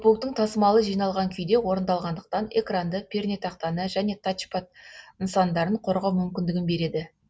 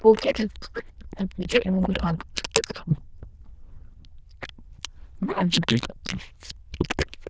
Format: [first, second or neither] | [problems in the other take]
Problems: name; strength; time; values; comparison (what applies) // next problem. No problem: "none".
first | noise reduction (neural diffusion model UNIVERSE++)